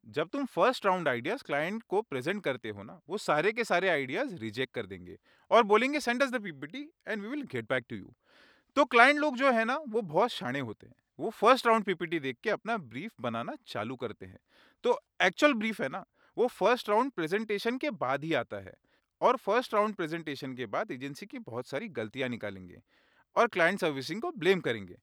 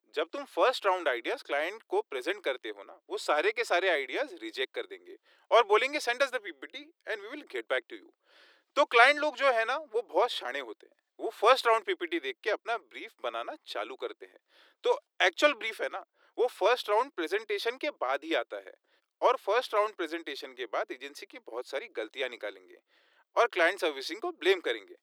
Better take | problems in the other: first | thin; very; fading below 350 Hz

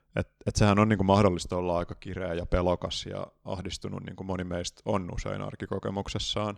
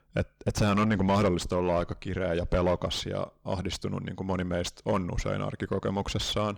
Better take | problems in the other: first | distortion; heavy; 5 dB below the speech

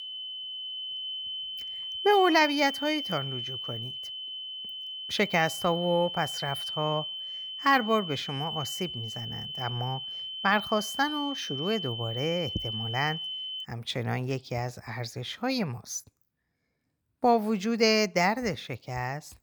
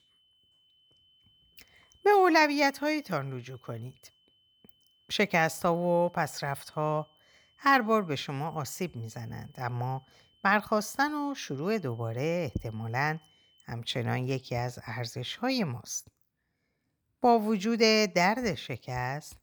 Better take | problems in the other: second | high-pitched whine; loud; until 14 s; 3 kHz, 5 dB below the speech; faint in the second

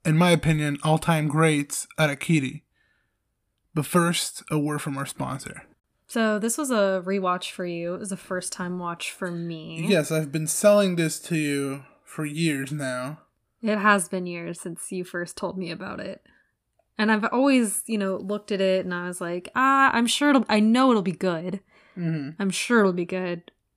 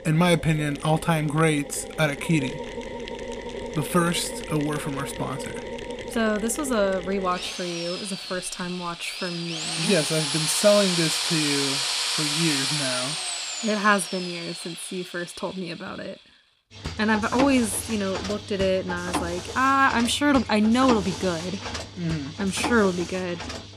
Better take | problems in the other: first | machinery noise; loud; throughout; 5 dB below the speech

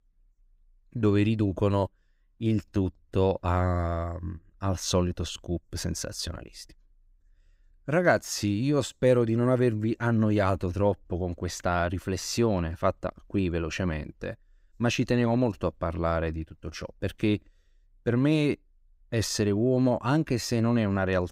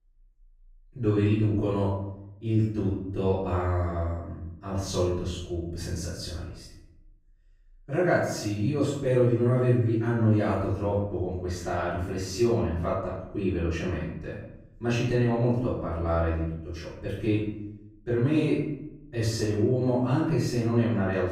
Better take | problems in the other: first | off-mic speech; far // room echo; noticeable; dies away in 0.7 s

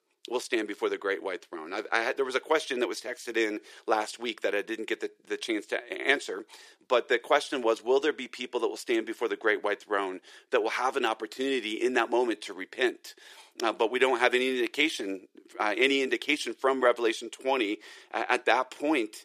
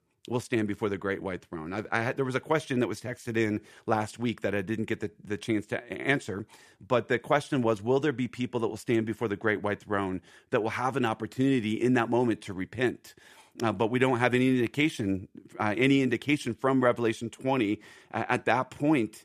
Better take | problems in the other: second | thin; somewhat; fading below 350 Hz

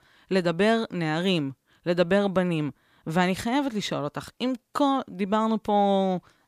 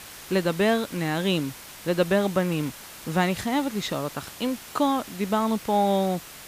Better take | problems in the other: first | hiss; noticeable; throughout; 15 dB below the speech

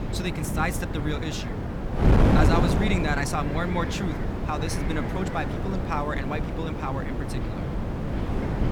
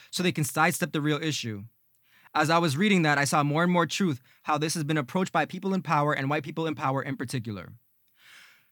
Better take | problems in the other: second | wind noise on the microphone; heavy; 2 dB below the speech

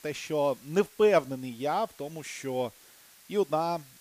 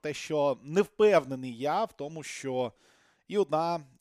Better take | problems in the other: second | hiss; faint; throughout; 25 dB below the speech

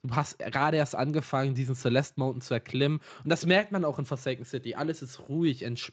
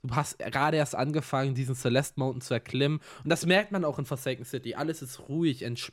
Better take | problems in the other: second | garbled, watery; slightly; nothing above 7.5 kHz

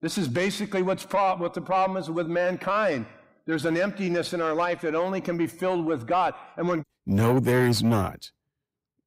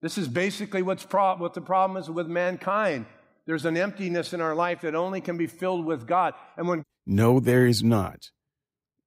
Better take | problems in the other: second | distortion; slight; 10 dB below the speech

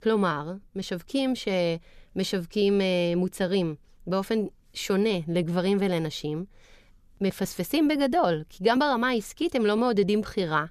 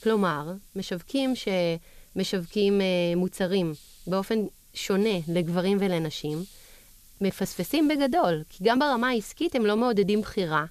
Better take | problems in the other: first | hiss; faint; throughout; 25 dB below the speech

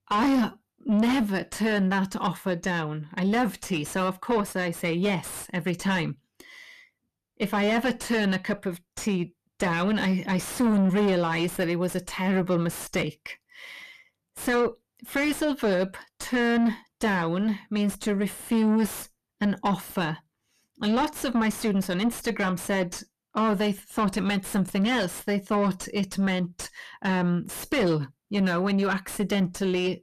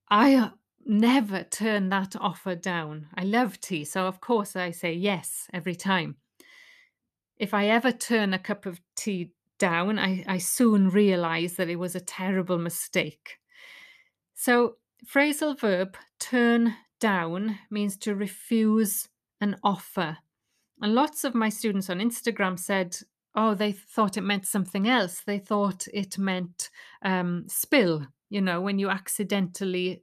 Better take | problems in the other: second | distortion; heavy; 6 dB below the speech

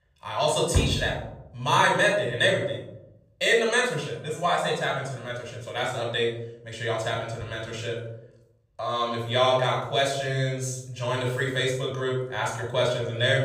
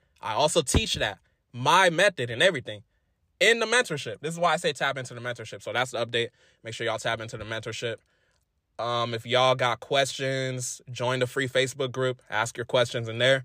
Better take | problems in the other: second | off-mic speech; far // room echo; noticeable; dies away in 0.7 s

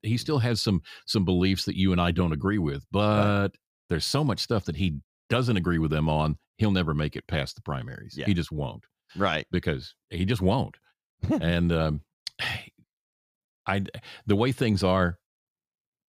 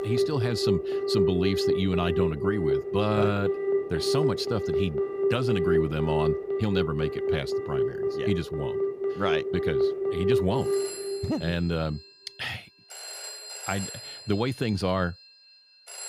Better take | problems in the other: first | alarms or sirens; very loud; throughout; 1 dB above the speech

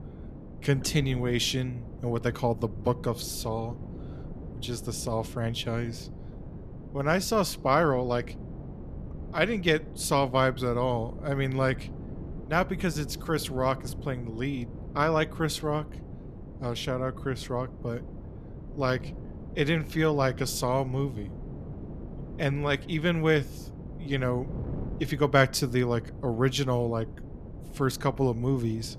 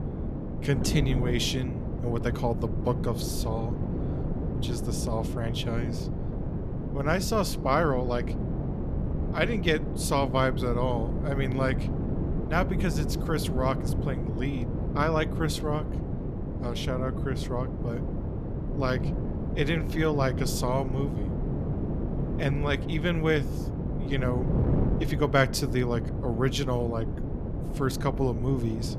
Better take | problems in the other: first | wind noise on the microphone; heavy; 8 dB below the speech; occasional gusts in the first

